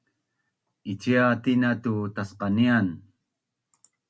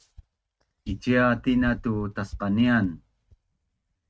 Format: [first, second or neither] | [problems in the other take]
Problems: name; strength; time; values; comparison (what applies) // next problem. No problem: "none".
first | noise reduction (neural mask model RNNoise)